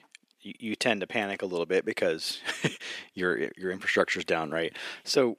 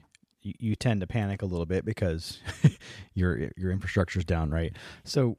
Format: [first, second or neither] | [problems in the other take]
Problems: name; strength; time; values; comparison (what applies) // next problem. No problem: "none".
second | thin; very; fading below 300 Hz